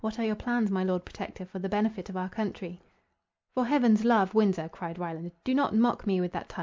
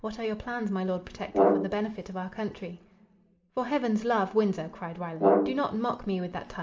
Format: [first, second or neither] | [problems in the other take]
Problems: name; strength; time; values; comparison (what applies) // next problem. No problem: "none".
first | background sound (Brass instrument); 3 dB above the speech // room echo; dies away in 1.1 s